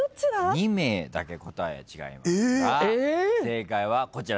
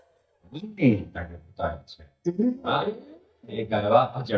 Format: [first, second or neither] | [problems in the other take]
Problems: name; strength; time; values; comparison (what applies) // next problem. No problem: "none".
first | noise reduction (neural mask model DeepFilterNet 3)